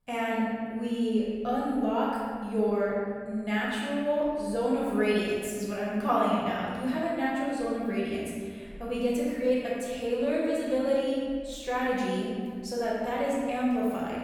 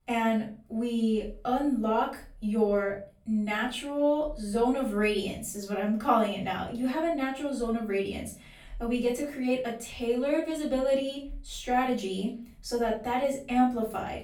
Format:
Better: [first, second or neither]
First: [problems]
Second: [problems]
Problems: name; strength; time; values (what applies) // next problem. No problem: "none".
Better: second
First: room echo; strong; dies away in 1.8 s // off-mic speech; far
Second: room echo; slight; dies away in 0.4 s // off-mic speech; far